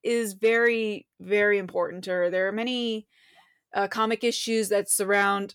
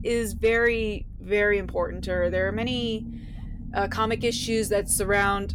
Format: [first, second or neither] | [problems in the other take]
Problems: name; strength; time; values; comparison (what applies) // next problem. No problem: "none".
first | low rumble; faint; throughout; 20 dB below the speech